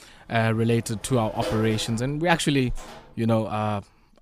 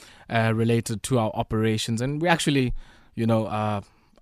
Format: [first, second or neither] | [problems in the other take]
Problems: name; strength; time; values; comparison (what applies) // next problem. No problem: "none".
second | door banging; noticeable; until 3 s; peak 7 dB below the speech